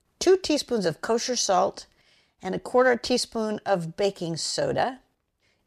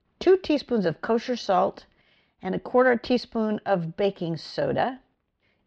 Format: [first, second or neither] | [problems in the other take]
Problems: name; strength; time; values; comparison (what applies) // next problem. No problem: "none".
first | muffled; slightly; fading above 3.5 kHz